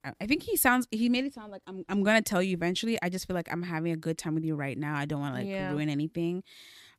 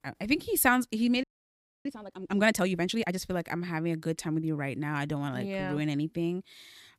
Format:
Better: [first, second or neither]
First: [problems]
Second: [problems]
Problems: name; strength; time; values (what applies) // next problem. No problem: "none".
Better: first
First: none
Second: audio freezing; at 1 s for 0.5 s